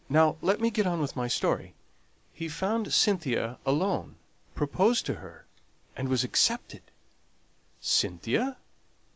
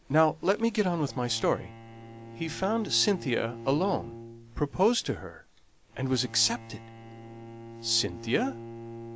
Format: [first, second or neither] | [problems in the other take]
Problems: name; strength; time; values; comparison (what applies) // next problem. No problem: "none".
first | background sound (Bowed string instrument); 14 dB below the speech